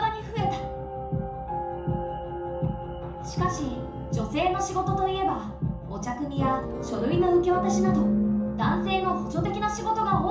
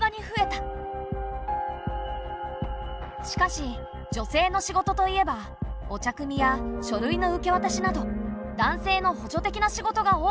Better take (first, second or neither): second